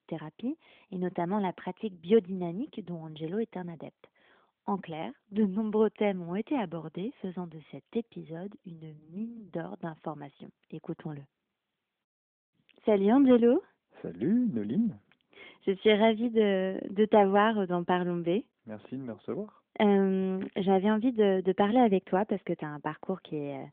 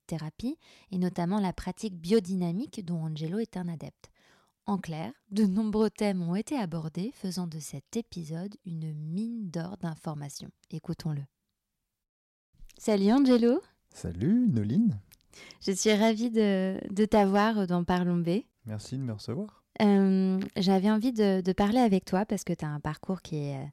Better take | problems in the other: second | phone-call audio; nothing above 3.5 kHz

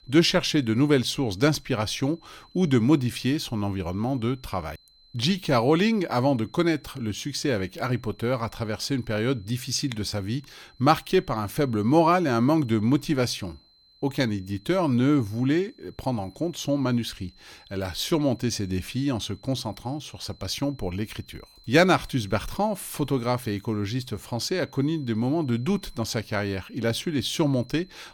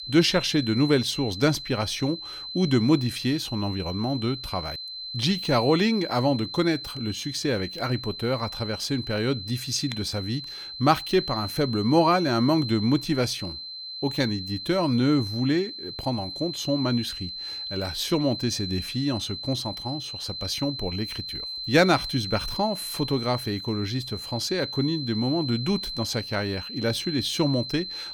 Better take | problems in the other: first | high-pitched whine; loud; throughout; 4 kHz, 7 dB below the speech; faint in the first

